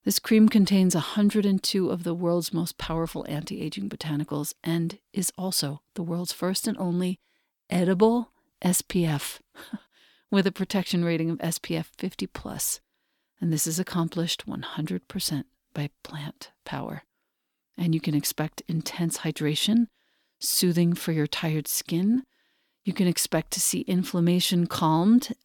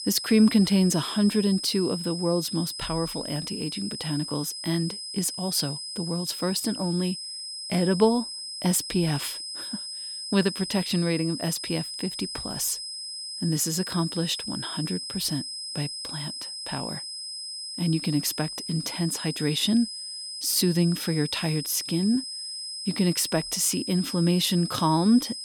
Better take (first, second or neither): first